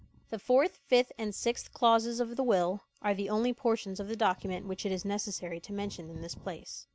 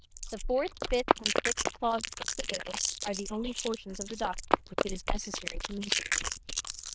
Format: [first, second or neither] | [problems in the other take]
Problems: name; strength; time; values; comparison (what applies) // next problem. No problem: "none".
first | noise reduction (neural diffusion model UNIVERSE++)